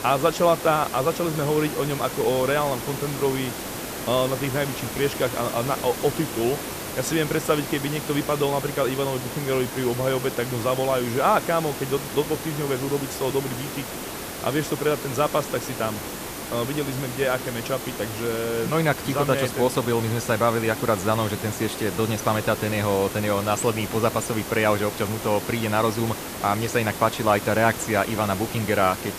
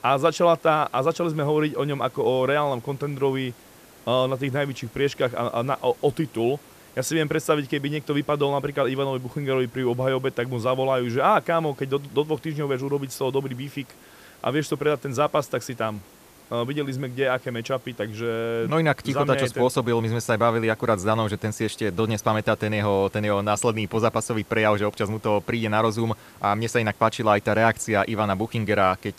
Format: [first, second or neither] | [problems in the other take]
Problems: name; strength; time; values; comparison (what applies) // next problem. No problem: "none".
second | hiss; loud; throughout; 7 dB below the speech; faint in the second